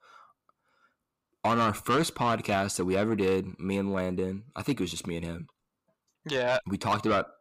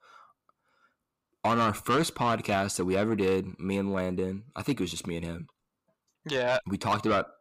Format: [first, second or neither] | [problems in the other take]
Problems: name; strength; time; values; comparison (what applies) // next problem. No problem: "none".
neither | distortion; heavy; 8 dB below the speech; the same in both